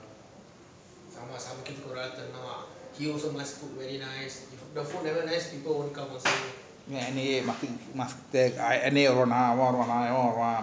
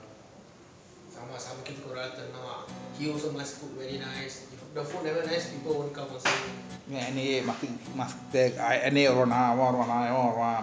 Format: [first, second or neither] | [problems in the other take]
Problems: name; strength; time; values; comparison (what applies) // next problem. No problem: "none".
first | background sound (Guitar); 18 dB below the speech